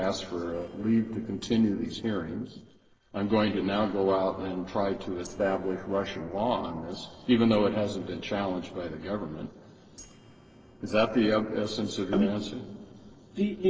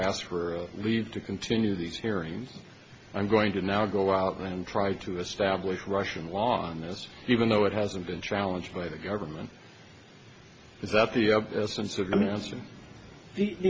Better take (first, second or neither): second